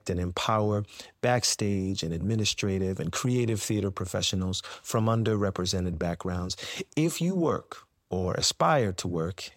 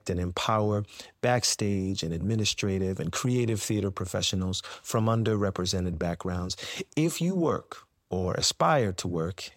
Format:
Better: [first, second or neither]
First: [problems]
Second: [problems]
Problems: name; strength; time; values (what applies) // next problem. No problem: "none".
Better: neither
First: none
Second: none